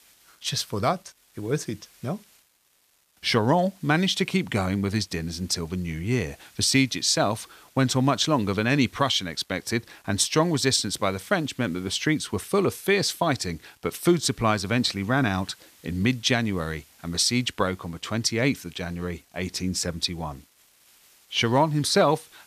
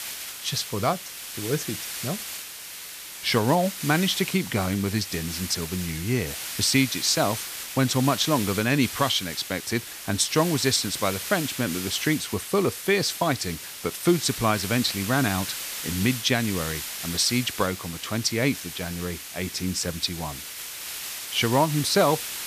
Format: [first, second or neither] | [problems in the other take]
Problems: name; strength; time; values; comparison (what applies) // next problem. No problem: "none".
first | hiss; loud; throughout; 7 dB below the speech; faint in the first